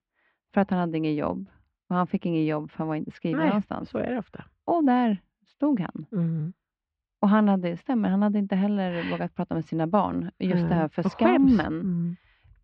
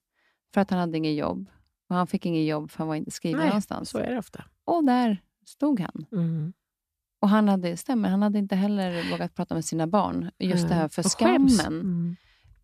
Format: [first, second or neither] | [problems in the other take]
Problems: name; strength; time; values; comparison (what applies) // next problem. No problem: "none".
second | muffled; very; fading above 3 kHz